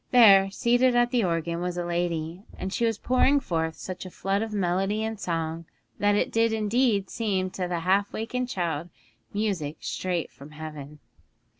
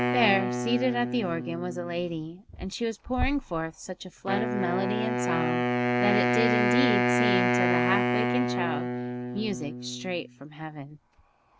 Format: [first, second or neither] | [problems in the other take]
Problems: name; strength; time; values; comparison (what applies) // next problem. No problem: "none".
first | background sound (Wind instrument, woodwind instrument); 2 dB above the speech